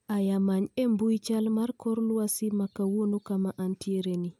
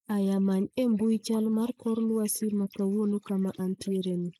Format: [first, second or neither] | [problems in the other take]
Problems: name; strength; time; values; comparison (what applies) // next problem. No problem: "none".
first | noise reduction (neural mask model Resemble Enhance denoiser)